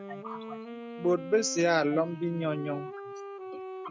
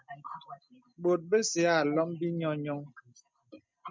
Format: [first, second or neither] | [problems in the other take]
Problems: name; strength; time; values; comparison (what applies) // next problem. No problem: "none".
second | background sound (Wind instrument, woodwind instrument); 10 dB below the speech